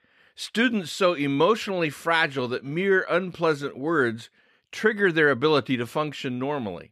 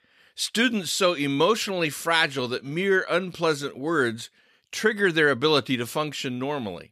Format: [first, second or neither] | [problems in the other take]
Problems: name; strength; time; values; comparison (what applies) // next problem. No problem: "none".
second | muffled; slightly; fading above 3.5 kHz